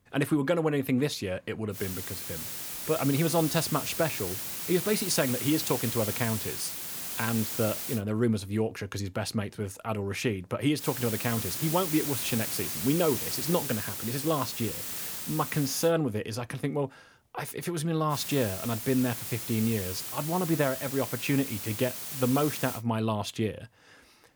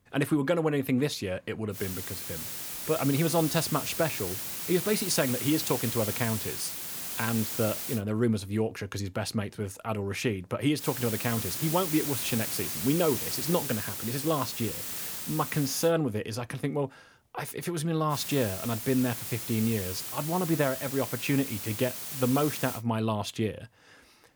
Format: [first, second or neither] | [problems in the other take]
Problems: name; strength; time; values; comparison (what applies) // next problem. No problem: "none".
neither | hiss; loud; from 2 to 8 s, from 11 to 16 s and from 18 to 23 s; 2 dB below the speech; the same in both